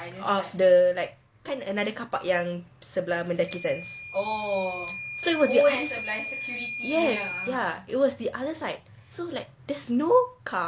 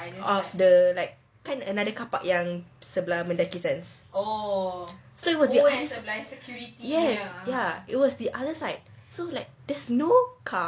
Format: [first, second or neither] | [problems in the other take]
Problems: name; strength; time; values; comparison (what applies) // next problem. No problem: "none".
second | background sound (Microwave oven / Alarm); 13 dB below the speech